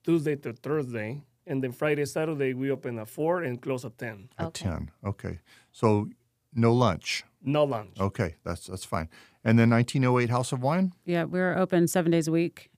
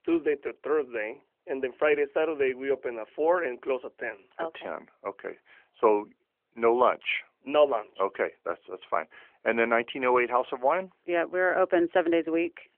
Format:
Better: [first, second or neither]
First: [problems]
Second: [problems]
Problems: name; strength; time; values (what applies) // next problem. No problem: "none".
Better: first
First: none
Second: phone-call audio; nothing above 3 kHz